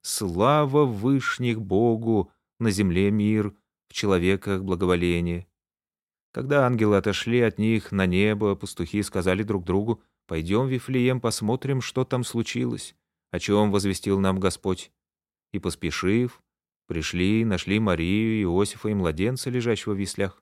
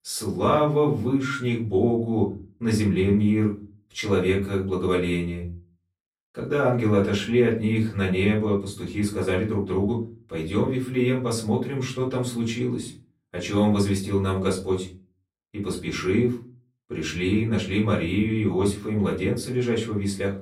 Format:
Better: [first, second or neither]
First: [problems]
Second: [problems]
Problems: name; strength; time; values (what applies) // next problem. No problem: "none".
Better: first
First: none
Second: room echo; slight; dies away in 0.3 s // off-mic speech; far